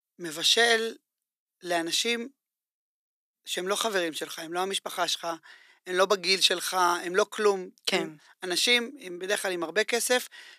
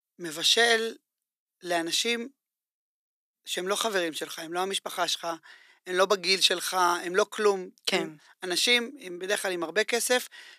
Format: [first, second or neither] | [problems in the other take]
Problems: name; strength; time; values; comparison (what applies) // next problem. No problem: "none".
neither | thin; somewhat; fading below 500 Hz; the same in both